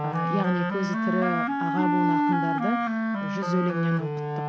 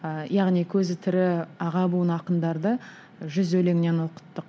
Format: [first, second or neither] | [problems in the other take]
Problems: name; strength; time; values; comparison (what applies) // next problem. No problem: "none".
second | background sound (Wind instrument, woodwind instrument); 3 dB above the speech